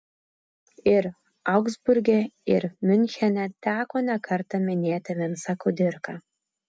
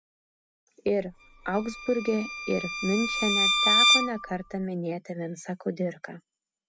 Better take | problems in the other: first | background sound (Bowed string instrument); 4 dB above the speech

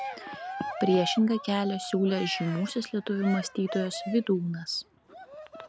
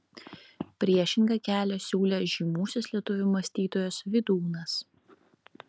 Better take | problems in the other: second | background sound (Cheering); 10 dB below the speech

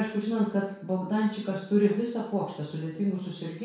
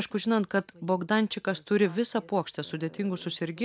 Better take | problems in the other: second | room echo; dies away in 0.6 s

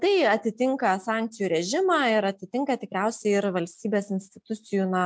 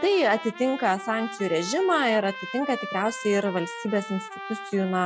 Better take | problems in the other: first | background sound (Trumpet); 12 dB below the speech

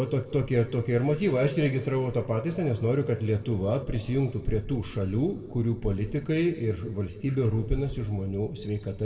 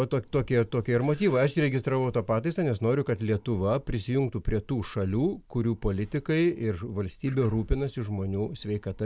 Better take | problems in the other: second | room echo; dies away in 1.3 s

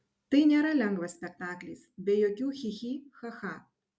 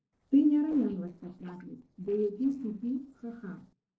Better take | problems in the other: first | noise reduction (neural separator model SepFormer DNS4)

